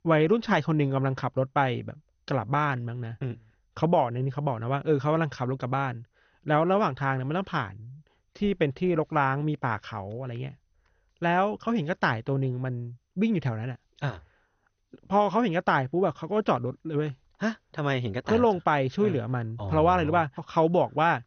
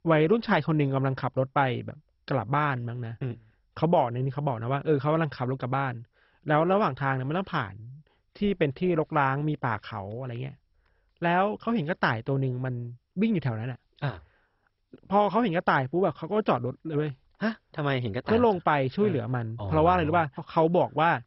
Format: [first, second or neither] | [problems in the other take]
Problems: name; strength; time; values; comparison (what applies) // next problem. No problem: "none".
first | garbled, watery; badly; nothing above 5.5 kHz; slightly in the first